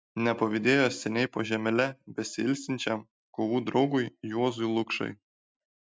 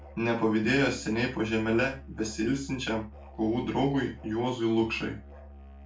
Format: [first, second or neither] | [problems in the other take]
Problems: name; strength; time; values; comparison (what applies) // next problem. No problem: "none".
first | background sound (Musical instrument); 18 dB below the speech // room echo; dies away in 0.3 s